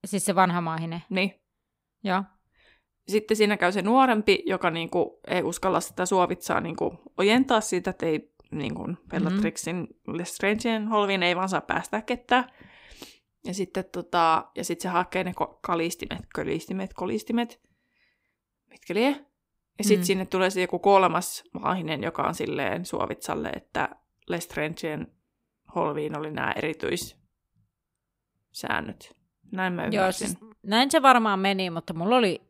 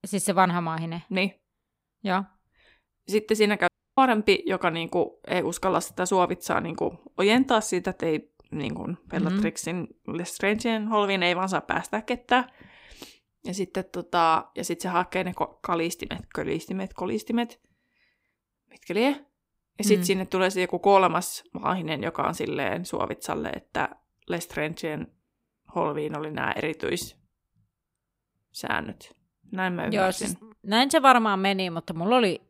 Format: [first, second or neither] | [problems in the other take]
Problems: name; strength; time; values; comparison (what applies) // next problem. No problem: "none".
first | audio cutting out; at 3.5 s